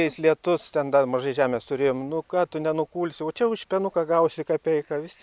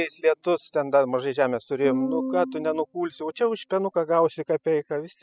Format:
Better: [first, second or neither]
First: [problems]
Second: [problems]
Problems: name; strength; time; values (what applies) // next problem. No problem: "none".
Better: first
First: none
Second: noise reduction (classical method spectral subtraction)